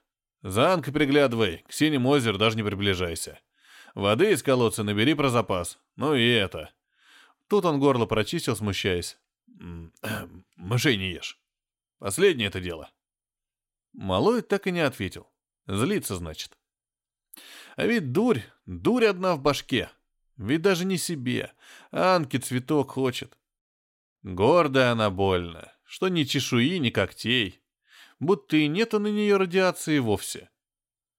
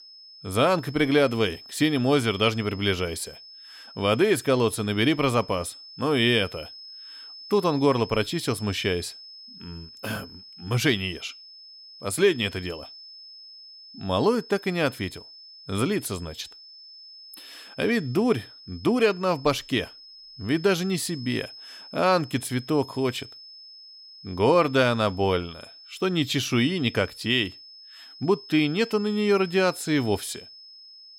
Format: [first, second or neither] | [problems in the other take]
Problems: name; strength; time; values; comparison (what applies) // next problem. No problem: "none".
first | high-pitched whine; noticeable; throughout; 5 kHz, 20 dB below the speech